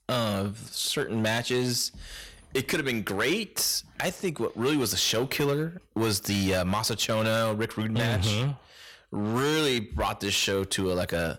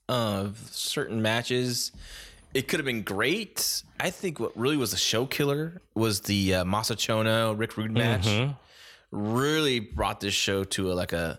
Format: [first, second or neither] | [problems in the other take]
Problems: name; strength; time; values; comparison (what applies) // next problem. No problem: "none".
second | distortion; slight; 7% of the sound clipped